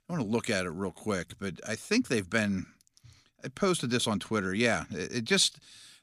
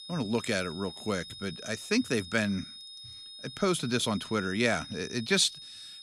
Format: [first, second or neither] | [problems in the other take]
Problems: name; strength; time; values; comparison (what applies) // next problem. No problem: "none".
first | high-pitched whine; noticeable; throughout; 3.5 kHz, 15 dB below the speech